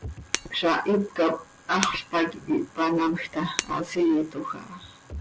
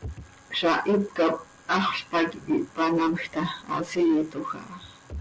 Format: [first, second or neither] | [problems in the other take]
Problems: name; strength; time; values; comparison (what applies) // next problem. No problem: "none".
second | background sound (Shatter); 12 dB below the speech